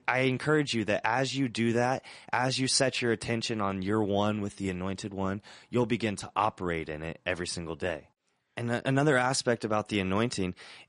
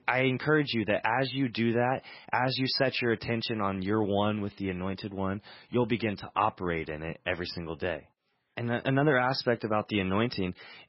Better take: first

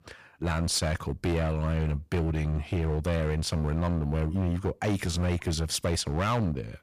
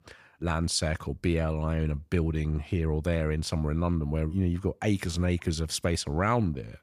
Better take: second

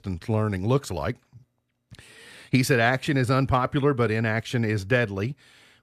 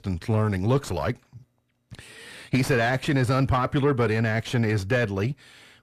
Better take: first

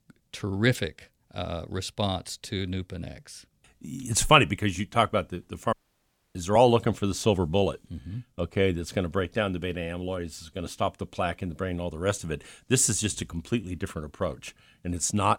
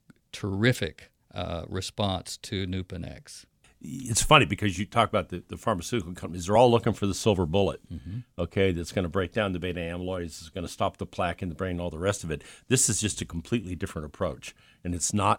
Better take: second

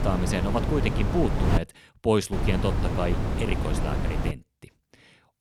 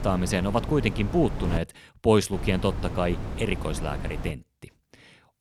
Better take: second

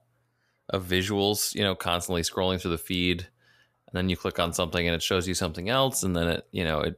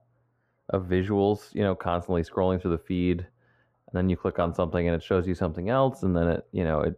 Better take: first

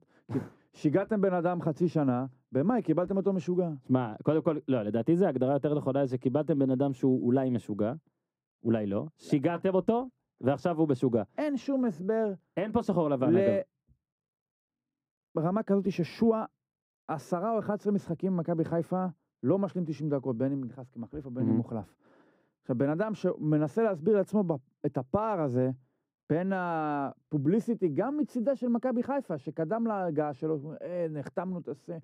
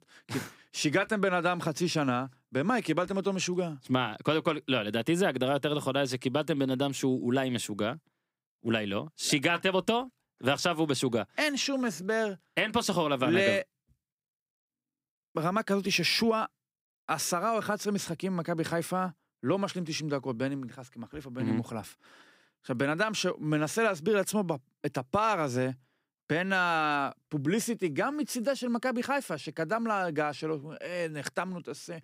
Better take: second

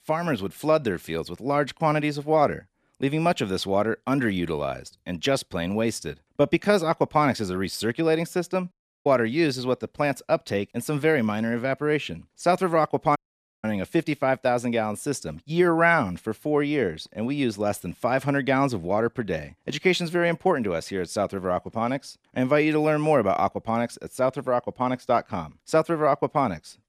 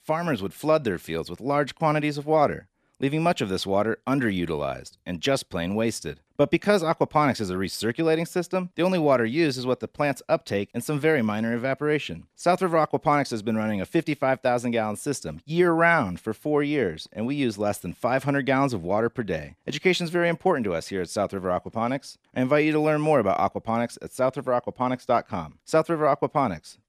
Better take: second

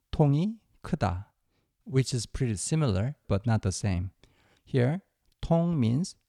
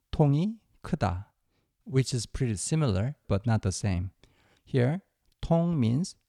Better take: neither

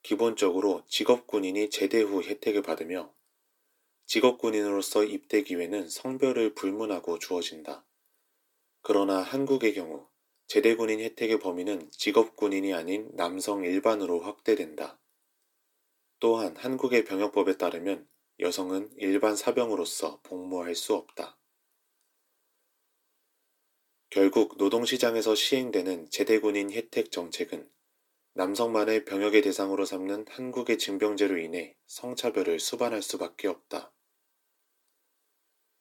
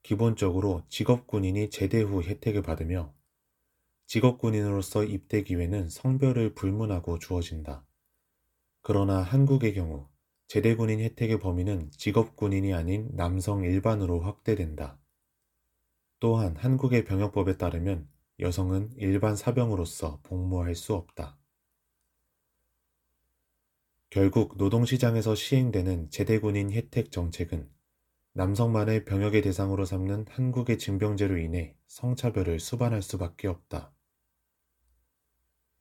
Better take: second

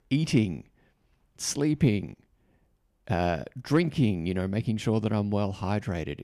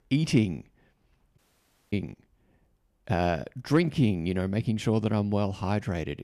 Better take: first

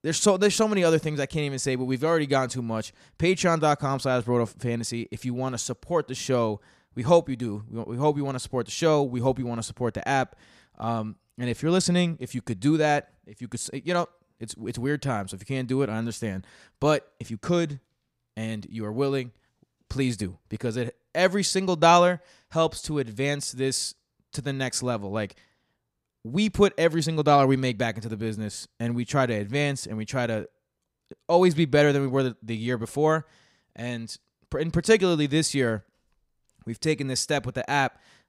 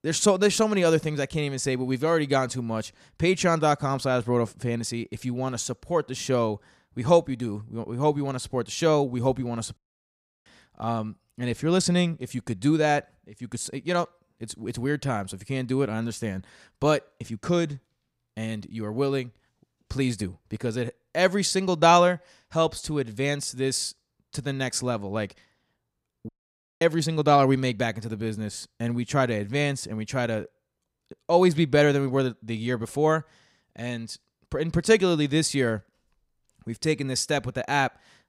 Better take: first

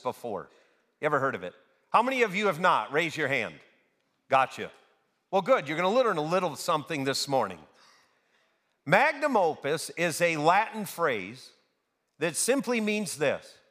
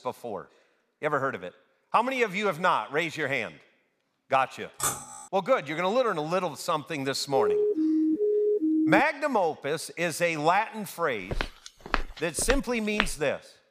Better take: first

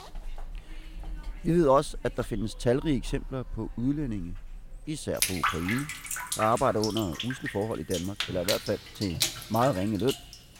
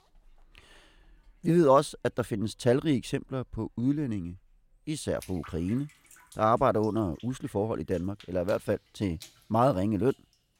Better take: second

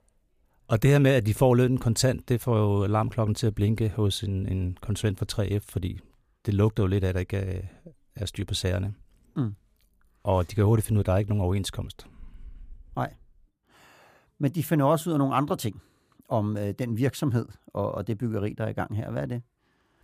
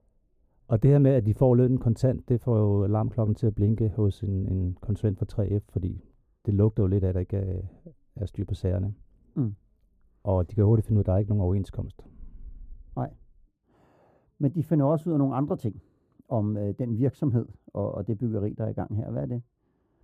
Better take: first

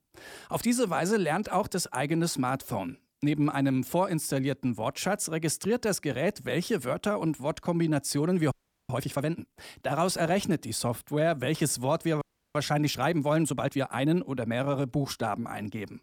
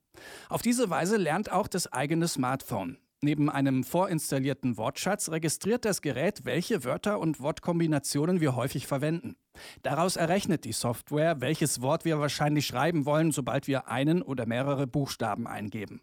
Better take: second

